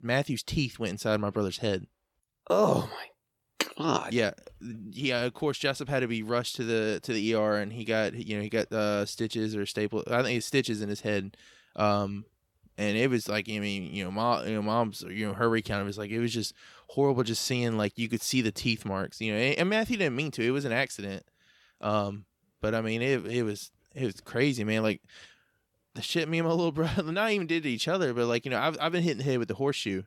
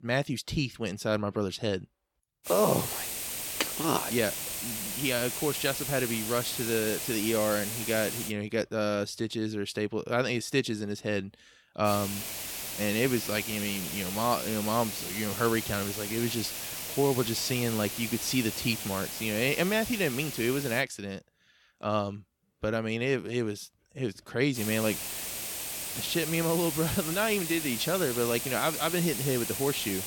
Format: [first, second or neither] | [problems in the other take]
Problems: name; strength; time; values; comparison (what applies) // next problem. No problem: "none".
first | hiss; loud; from 2.5 to 8.5 s, from 12 to 21 s and from 25 s on; 3 dB below the speech